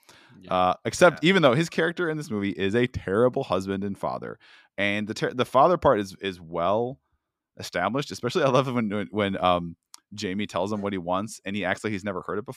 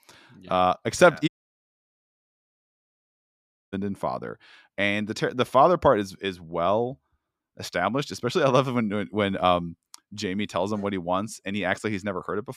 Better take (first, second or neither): first